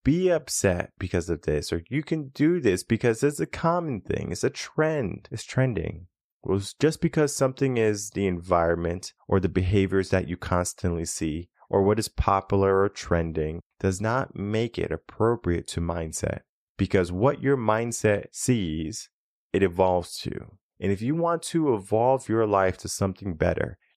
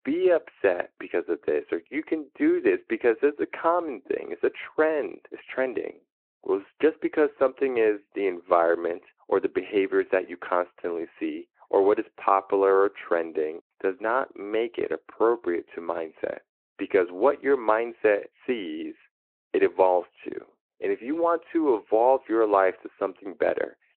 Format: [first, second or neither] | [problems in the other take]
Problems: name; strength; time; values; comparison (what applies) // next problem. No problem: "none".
first | phone-call audio